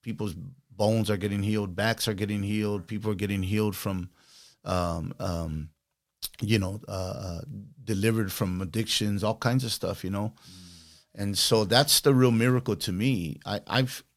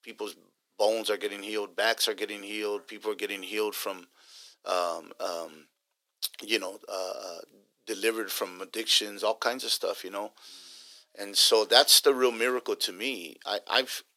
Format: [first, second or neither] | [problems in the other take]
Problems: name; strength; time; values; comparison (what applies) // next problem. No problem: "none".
first | thin; very; fading below 350 Hz